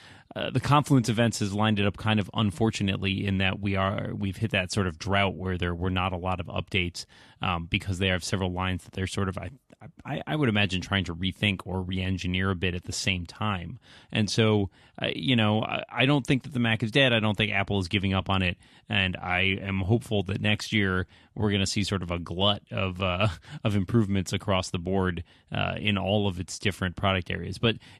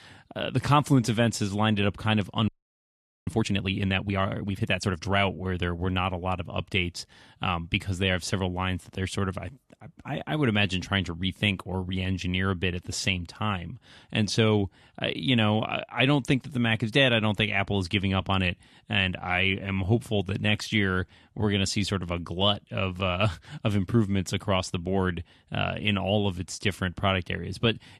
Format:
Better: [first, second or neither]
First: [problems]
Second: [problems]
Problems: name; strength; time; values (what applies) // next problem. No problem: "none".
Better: first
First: none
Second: audio freezing; at 2.5 s for 1 s